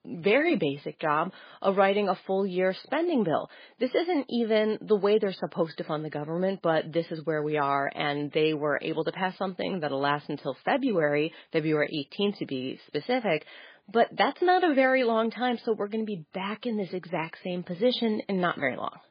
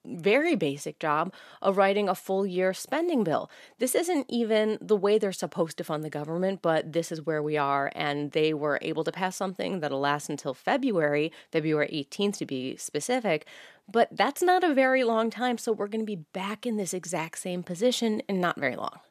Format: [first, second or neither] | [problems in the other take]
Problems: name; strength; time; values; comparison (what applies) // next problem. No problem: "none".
second | garbled, watery; badly; nothing above 5 kHz